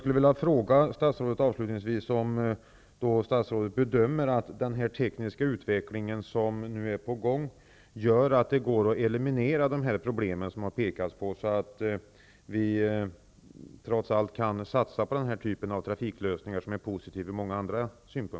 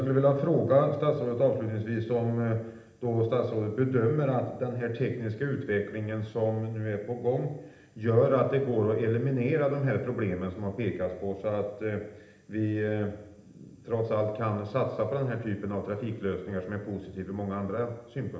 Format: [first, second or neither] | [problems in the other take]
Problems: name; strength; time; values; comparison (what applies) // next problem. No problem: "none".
first | room echo; dies away in 0.8 s